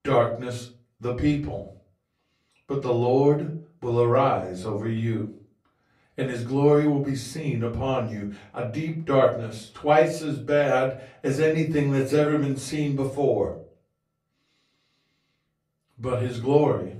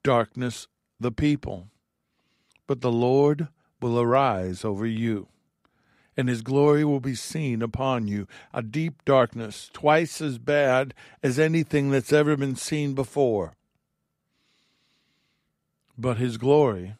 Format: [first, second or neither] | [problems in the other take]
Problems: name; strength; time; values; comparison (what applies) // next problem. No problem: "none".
second | off-mic speech; far // room echo; slight; dies away in 0.4 s